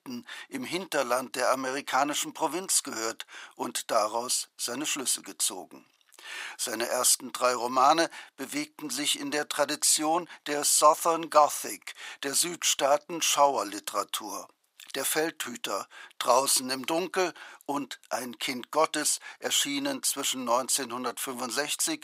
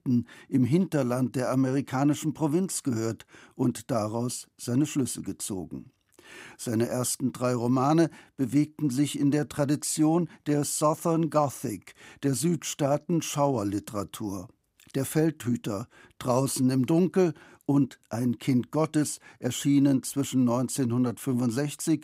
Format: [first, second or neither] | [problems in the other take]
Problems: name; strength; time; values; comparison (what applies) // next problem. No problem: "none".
second | thin; very; fading below 850 Hz